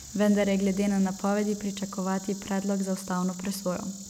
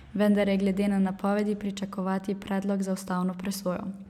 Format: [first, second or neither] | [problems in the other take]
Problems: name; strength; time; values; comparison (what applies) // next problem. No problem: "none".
second | background sound (Insect); 17 dB below the speech